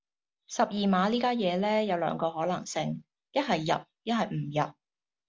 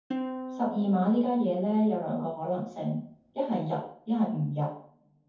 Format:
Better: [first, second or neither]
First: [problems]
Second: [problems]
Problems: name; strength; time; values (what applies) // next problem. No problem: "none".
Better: first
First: none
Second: background sound (Plucked string instrument); 12 dB below the speech // room echo; dies away in 0.6 s